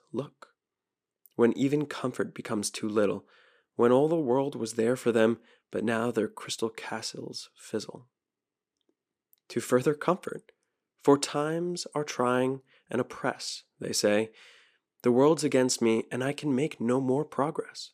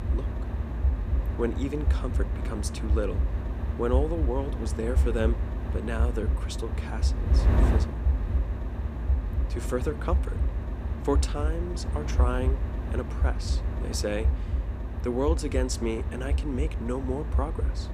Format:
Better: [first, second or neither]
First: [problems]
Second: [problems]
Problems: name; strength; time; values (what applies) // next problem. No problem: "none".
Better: first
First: none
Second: wind noise on the microphone; heavy; 7 dB below the speech